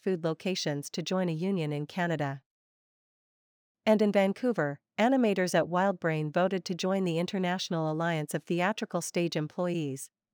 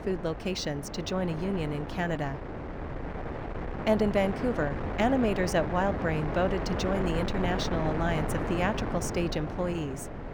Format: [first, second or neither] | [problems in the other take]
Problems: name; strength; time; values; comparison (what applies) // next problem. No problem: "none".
first | wind noise on the microphone; heavy; 5 dB below the speech